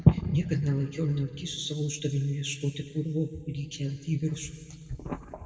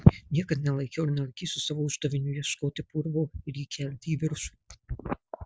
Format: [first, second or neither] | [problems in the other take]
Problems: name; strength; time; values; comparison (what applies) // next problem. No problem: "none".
second | room echo; dies away in 1.9 s